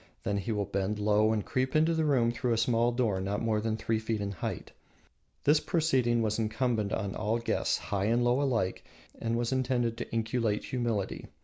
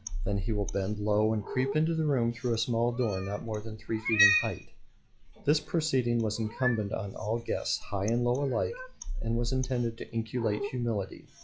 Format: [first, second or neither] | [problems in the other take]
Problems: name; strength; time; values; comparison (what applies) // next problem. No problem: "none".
first | noise reduction (classical method log-MMSE)